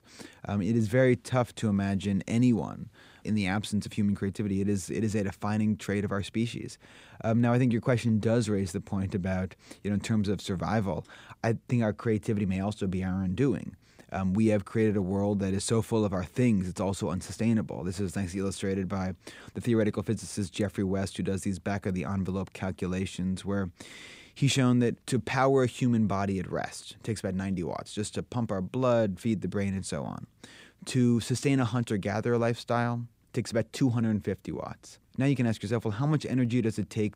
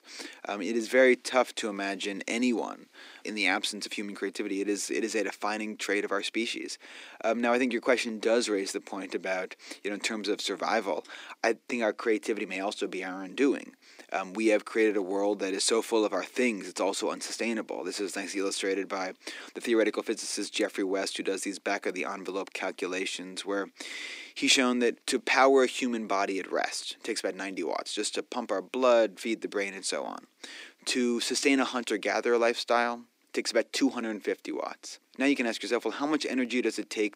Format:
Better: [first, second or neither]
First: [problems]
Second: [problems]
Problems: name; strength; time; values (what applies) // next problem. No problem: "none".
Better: first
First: none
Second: thin; somewhat; fading below 300 Hz